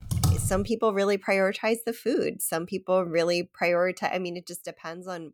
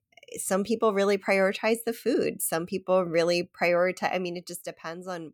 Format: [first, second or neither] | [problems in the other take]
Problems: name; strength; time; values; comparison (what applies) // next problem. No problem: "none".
second | keyboard typing; loud; at the start; peak 1 dB above the speech